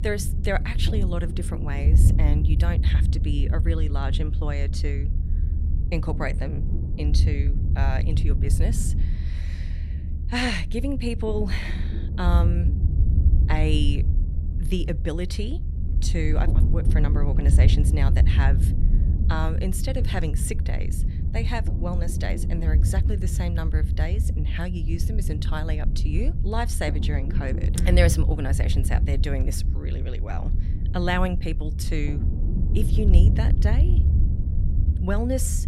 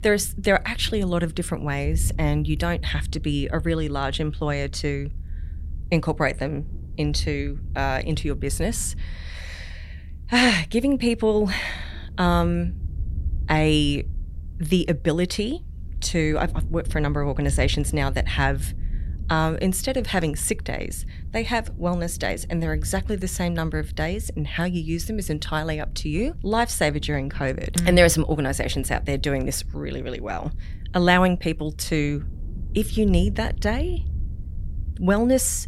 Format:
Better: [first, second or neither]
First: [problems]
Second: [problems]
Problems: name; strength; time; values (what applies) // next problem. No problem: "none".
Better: second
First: low rumble; loud; throughout; 7 dB below the speech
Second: low rumble; faint; throughout; 25 dB below the speech